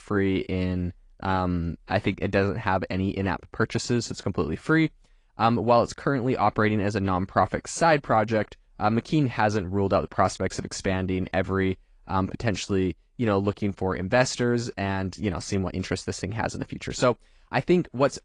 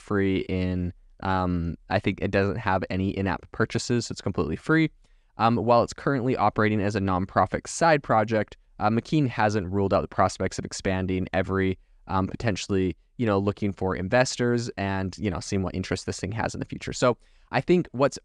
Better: second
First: garbled, watery; slightly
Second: none

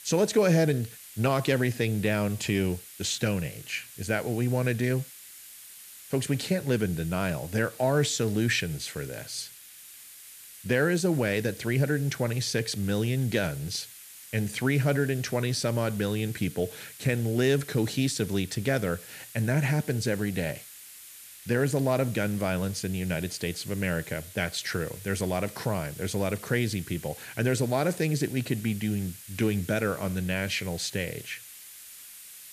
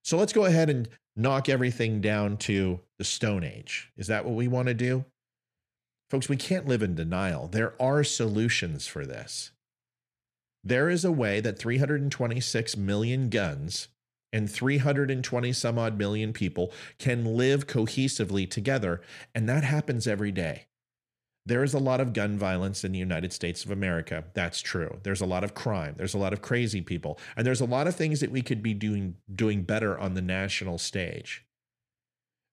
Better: second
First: hiss; noticeable; throughout; 15 dB below the speech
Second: none

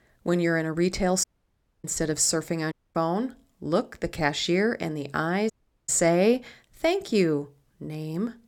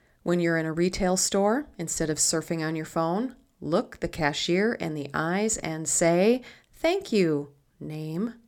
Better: second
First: audio cutting out; at 1 s for 0.5 s, at 2.5 s and at 5.5 s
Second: none

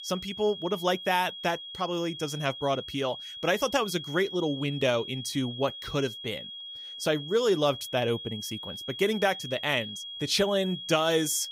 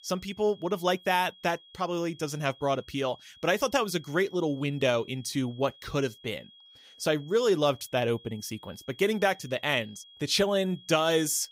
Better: second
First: high-pitched whine; loud; throughout; 3.5 kHz, 9 dB below the speech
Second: high-pitched whine; faint; throughout; 3.5 kHz, 25 dB below the speech

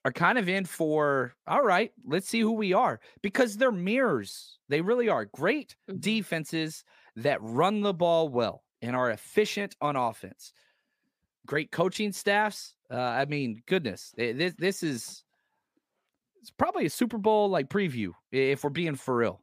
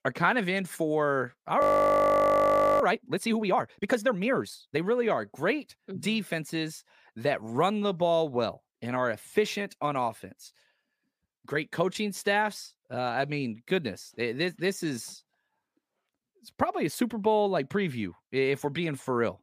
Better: first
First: none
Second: audio freezing; at 1.5 s for 1 s

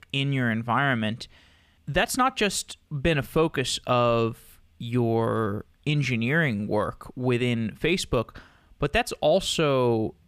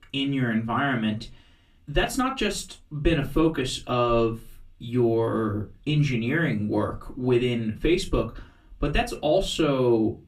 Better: first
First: none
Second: off-mic speech; far // room echo; very slight; dies away in 0.2 s

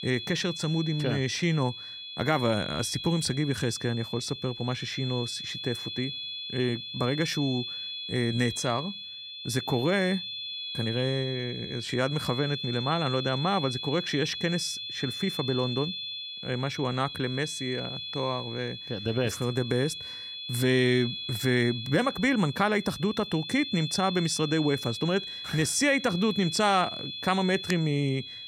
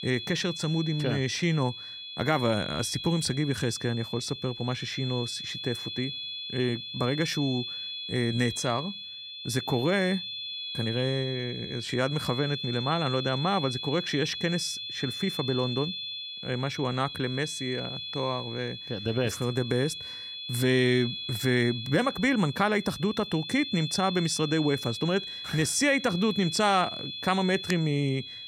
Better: neither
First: high-pitched whine; loud; throughout; 3.5 kHz, 7 dB below the speech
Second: high-pitched whine; loud; throughout; 3.5 kHz, 7 dB below the speech

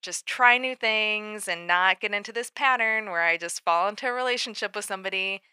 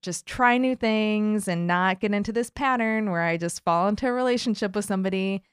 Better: second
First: thin; very; fading below 650 Hz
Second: none

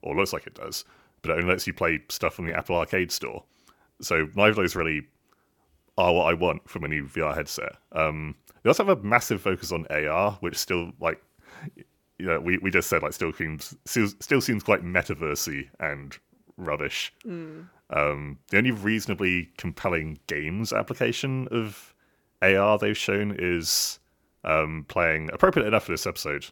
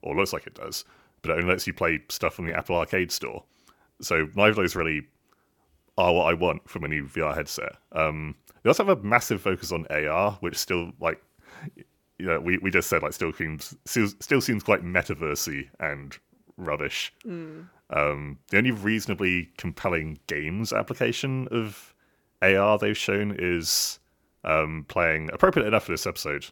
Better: neither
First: none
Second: none

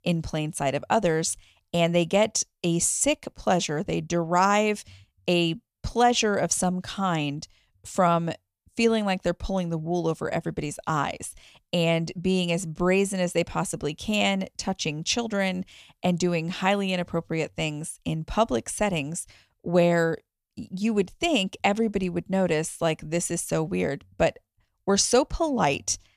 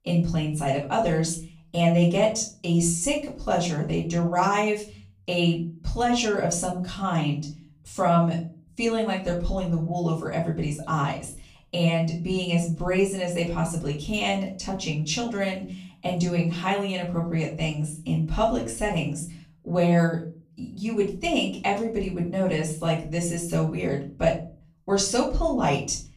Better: first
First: none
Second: room echo; slight; dies away in 0.4 s // off-mic speech; far

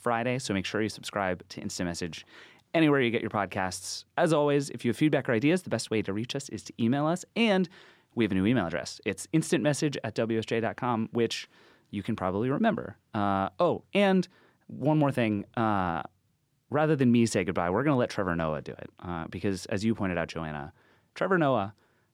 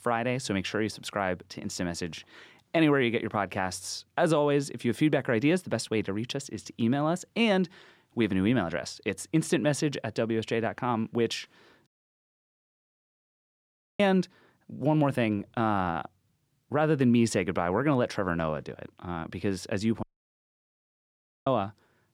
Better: first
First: none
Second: audio cutting out; at 12 s for 2 s and at 20 s for 1.5 s

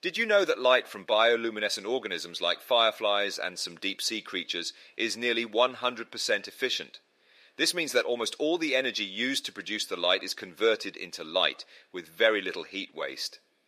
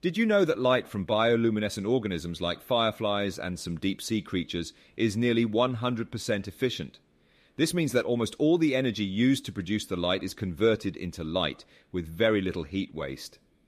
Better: second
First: thin; somewhat; fading below 550 Hz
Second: none

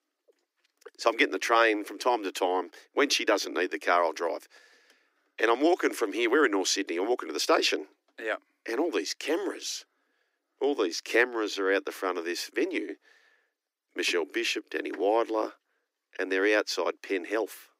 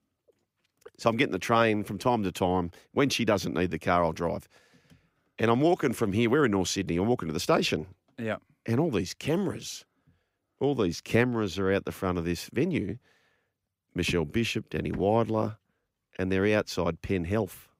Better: second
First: thin; somewhat; fading below 300 Hz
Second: none

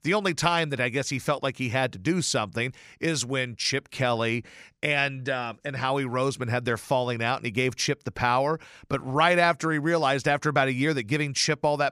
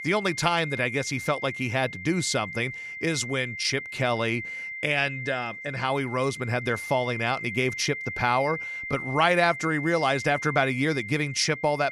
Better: first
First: none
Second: high-pitched whine; loud; throughout; 2 kHz, 8 dB below the speech

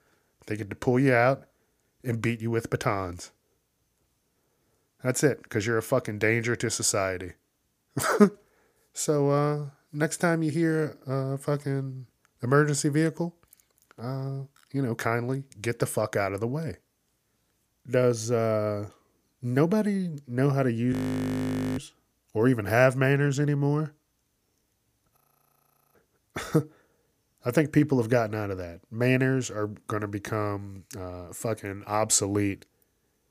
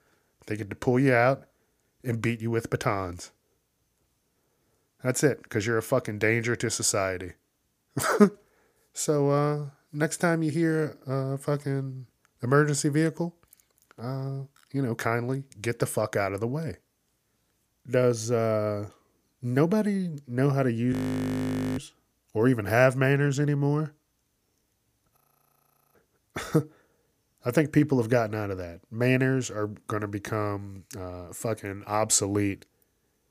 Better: neither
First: audio freezing; at 21 s for 1 s and at 25 s for 1 s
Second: audio freezing; at 21 s for 1 s and at 25 s for 1 s

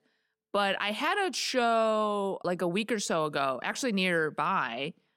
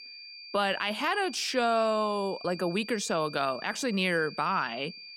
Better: first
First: none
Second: high-pitched whine; noticeable; throughout; 4.5 kHz, 15 dB below the speech

